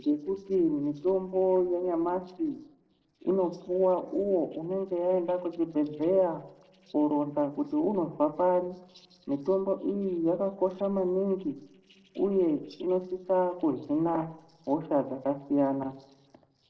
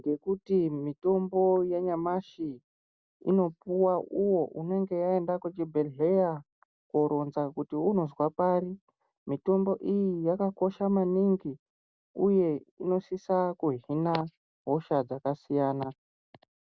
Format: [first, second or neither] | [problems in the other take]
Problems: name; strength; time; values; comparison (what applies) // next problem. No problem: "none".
second | noise reduction (neural separator model SepFormer DNS4)